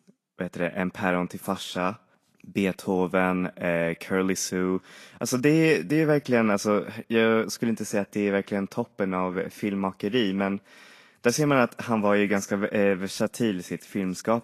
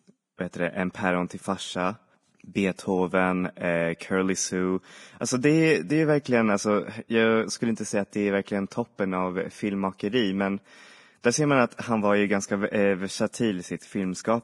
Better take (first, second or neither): first